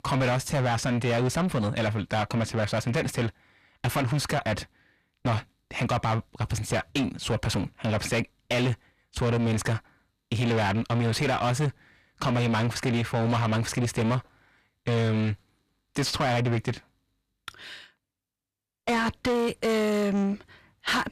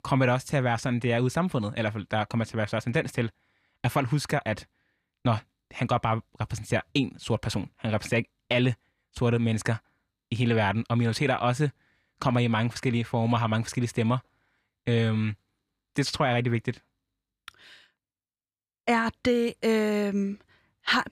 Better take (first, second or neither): second